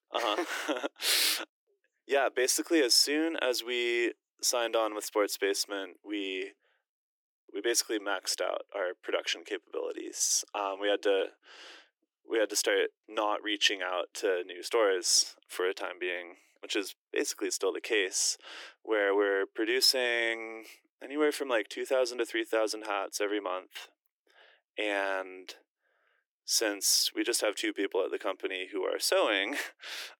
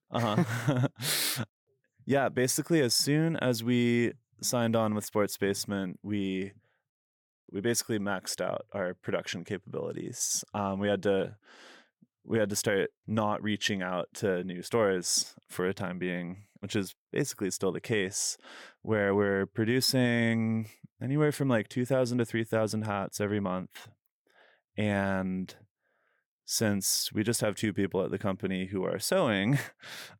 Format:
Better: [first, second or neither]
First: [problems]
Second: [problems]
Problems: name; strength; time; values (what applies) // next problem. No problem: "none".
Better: second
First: thin; very; fading below 300 Hz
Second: none